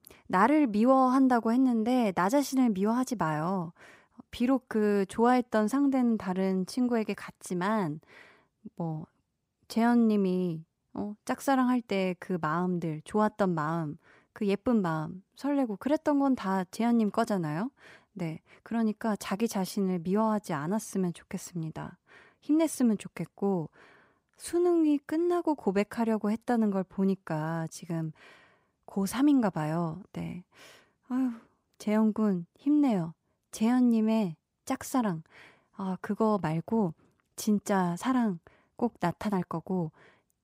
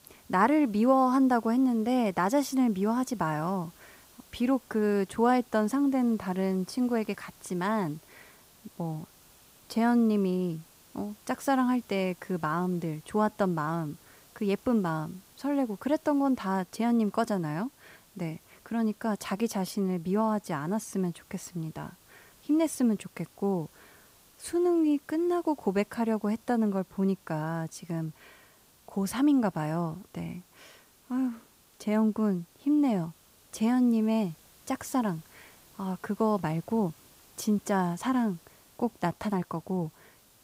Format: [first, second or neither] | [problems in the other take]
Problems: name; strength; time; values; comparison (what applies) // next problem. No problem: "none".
first | hiss; faint; throughout; 25 dB below the speech